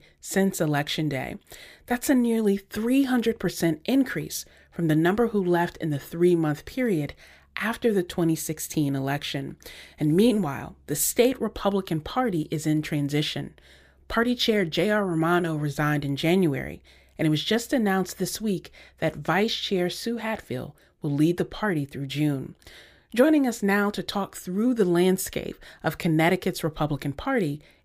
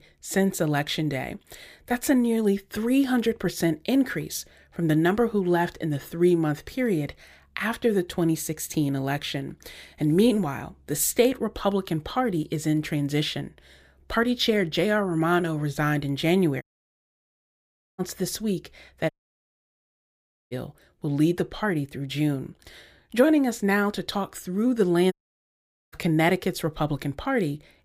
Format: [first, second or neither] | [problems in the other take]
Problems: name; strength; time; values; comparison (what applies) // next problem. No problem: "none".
first | audio cutting out; at 17 s for 1.5 s, at 19 s for 1.5 s and at 25 s for 1 s